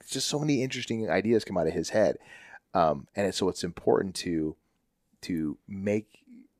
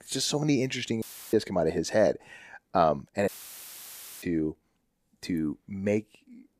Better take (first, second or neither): first